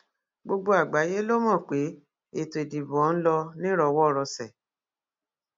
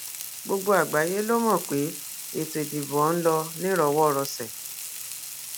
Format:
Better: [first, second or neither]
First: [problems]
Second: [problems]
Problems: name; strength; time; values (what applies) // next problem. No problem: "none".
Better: first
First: none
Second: background sound (Frying (food)); 10 dB below the speech